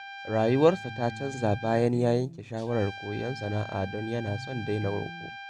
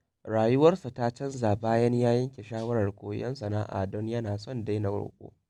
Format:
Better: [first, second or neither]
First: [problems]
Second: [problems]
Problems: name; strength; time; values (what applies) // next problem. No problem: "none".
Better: second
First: background sound (Electric guitar + Trumpet); 12 dB below the speech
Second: none